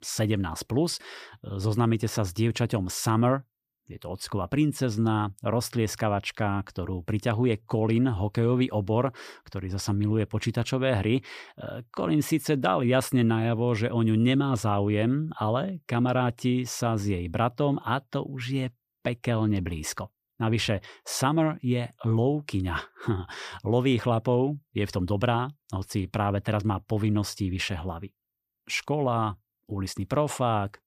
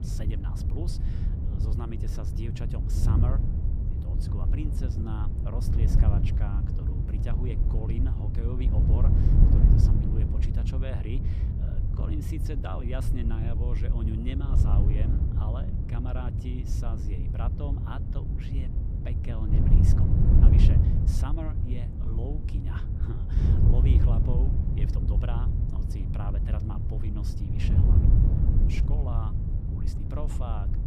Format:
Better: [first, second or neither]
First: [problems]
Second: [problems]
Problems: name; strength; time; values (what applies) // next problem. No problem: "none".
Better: first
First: none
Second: wind noise on the microphone; heavy; 2 dB above the speech